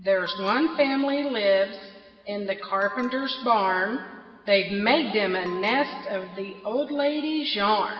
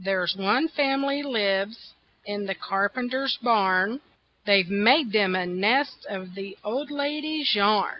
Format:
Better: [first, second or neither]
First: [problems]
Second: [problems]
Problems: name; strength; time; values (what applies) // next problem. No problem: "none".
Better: second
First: background sound (Bell); 19 dB below the speech // room echo; dies away in 2 s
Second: none